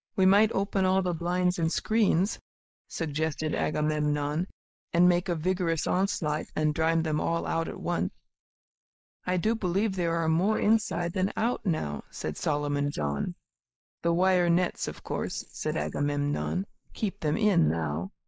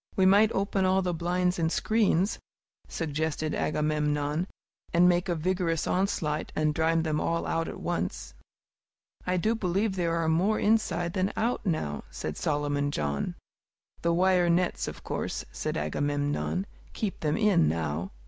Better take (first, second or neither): second